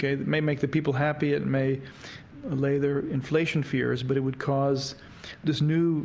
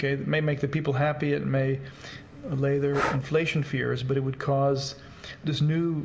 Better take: first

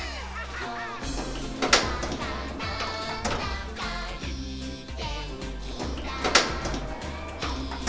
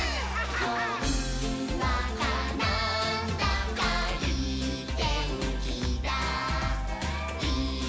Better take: second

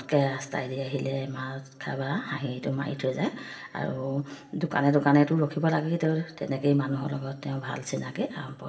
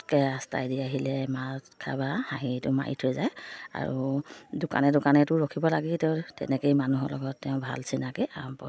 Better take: second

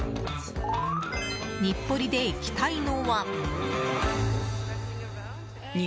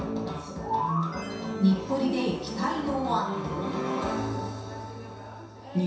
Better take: first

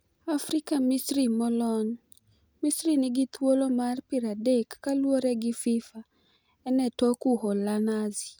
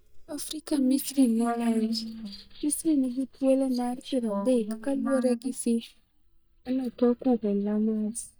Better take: first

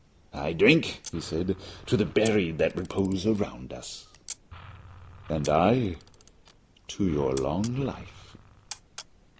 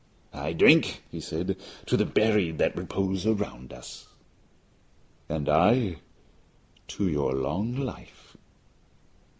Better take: second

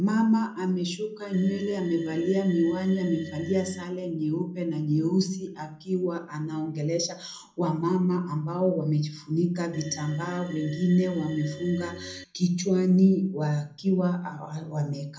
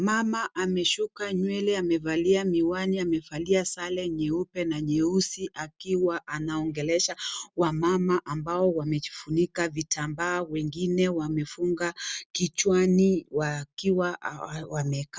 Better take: second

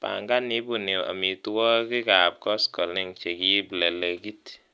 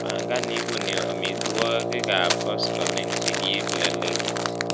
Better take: first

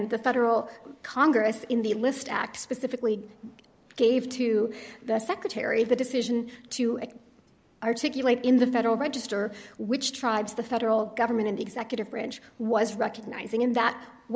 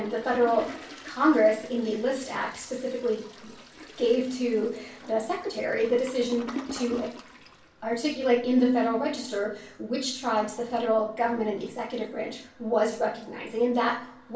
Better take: first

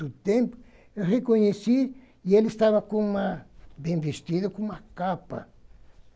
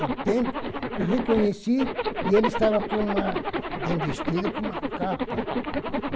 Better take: first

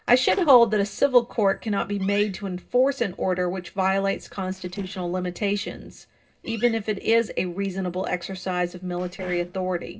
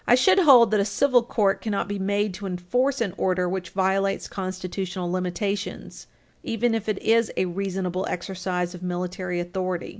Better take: second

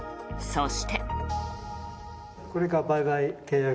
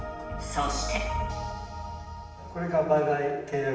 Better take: first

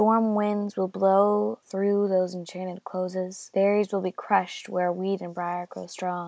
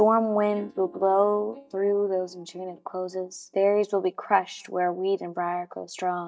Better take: first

